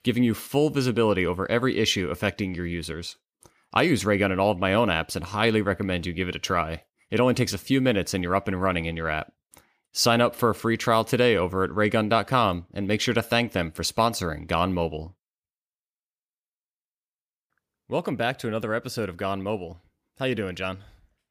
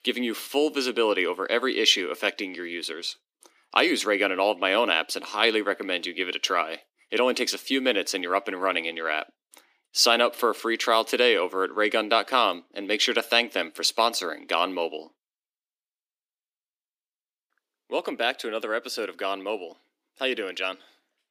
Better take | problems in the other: first | thin; somewhat; fading below 300 Hz

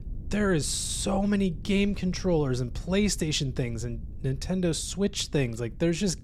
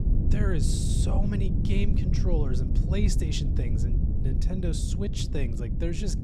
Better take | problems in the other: first | low rumble; loud; throughout; 3 dB below the speech; faint in the first

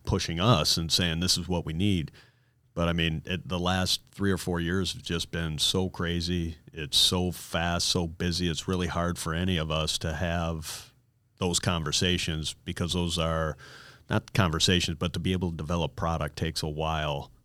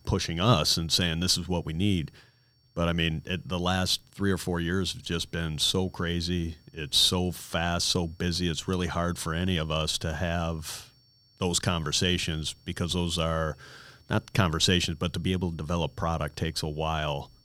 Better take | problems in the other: first | high-pitched whine; faint; throughout; 5.5 kHz, 35 dB below the speech

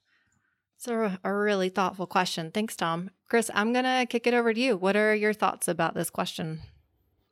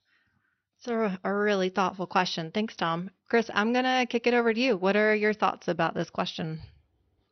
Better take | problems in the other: first | garbled, watery; slightly; nothing above 6 kHz

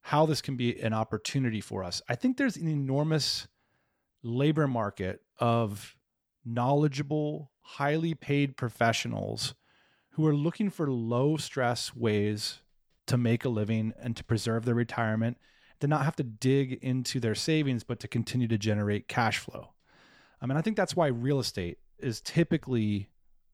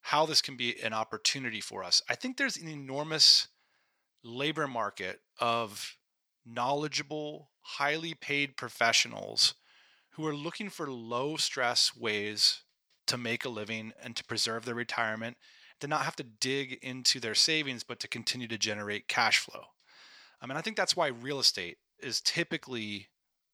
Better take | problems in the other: first | thin; somewhat; fading below 900 Hz

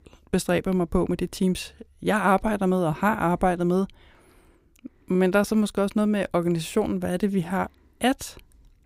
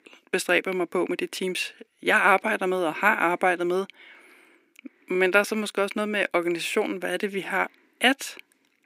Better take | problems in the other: first | thin; somewhat; fading below 300 Hz

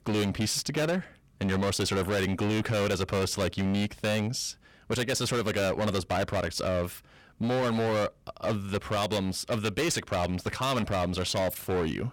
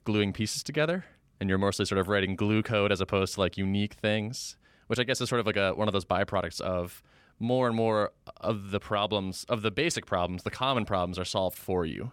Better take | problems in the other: second | distortion; heavy; 22% of the sound clipped

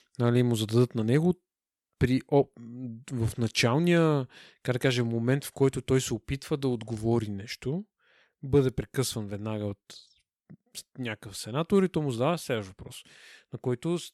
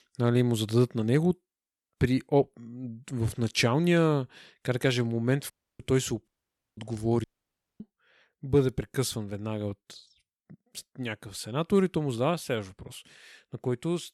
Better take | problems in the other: first | audio cutting out; at 5.5 s, at 6.5 s and at 7 s for 0.5 s

